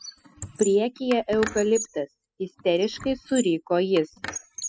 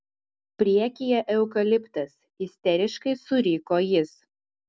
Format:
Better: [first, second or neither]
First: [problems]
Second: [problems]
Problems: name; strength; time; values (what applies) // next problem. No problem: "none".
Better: second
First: noise reduction (classical method spectral subtraction)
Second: none